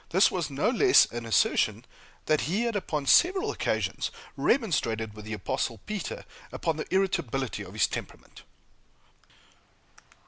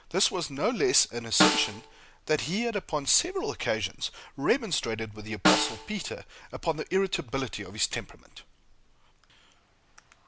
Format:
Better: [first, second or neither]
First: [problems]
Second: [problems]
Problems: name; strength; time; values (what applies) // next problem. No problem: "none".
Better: first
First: none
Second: background sound (Snare drum); 2 dB below the speech